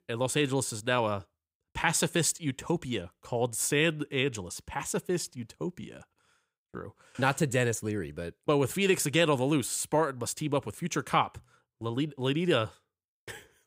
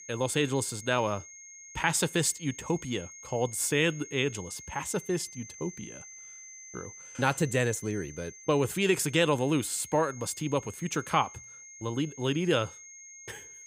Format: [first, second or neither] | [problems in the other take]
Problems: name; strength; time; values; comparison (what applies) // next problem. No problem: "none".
first | high-pitched whine; noticeable; throughout; 6.5 kHz, 15 dB below the speech